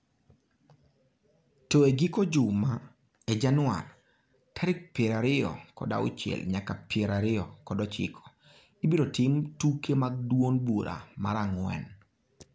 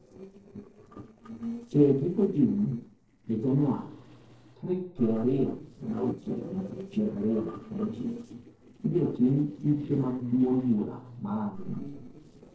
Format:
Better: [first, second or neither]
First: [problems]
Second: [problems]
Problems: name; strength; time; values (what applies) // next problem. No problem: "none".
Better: first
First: none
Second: noise reduction (neural separator model SepFormer DNS4)